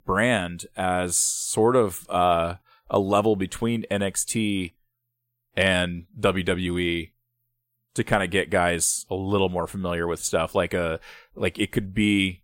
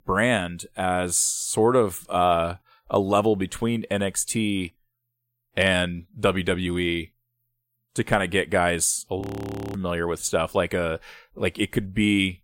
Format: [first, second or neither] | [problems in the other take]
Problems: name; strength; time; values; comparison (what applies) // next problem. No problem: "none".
first | audio freezing; at 9 s for 0.5 s